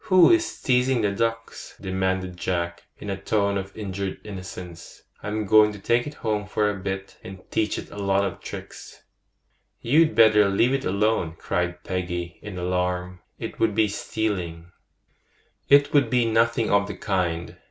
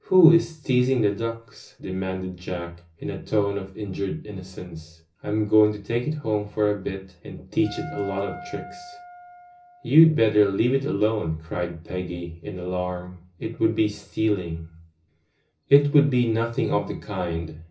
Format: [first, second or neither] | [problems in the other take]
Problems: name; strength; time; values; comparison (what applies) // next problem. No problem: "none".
first | background sound (Wind instrument, woodwind instrument); 16 dB below the speech // room echo; dies away in 0.4 s